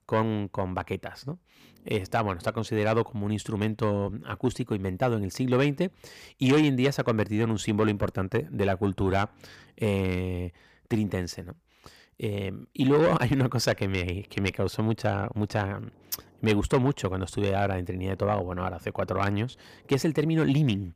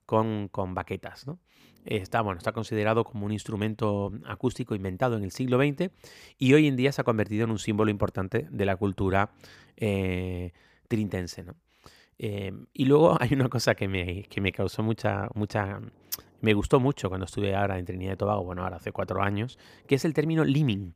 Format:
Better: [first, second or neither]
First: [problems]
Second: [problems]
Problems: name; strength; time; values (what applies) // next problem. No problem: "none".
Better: second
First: distortion; slight; 10 dB below the speech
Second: none